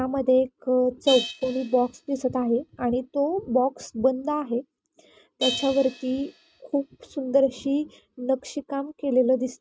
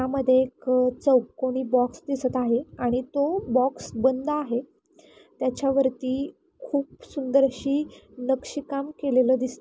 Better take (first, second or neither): second